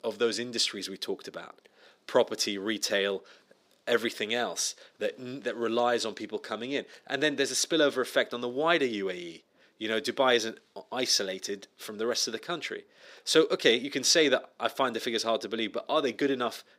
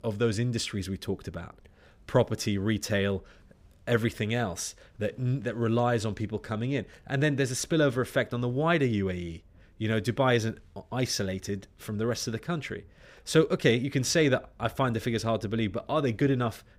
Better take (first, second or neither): second